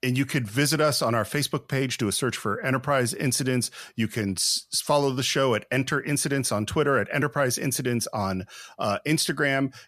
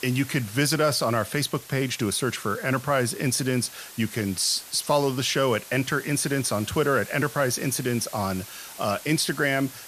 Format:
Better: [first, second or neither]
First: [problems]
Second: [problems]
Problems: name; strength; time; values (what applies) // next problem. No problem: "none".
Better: first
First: none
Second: hiss; noticeable; throughout; 15 dB below the speech